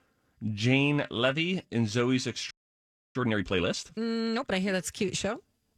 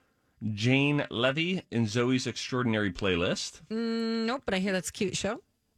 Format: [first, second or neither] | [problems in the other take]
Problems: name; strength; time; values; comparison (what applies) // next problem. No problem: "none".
second | audio freezing; at 2.5 s for 0.5 s